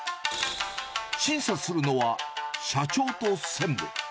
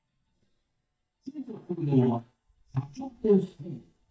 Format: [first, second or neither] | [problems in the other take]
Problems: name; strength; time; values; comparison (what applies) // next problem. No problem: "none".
first | noise reduction (neural mask model DeepFilterNet 3)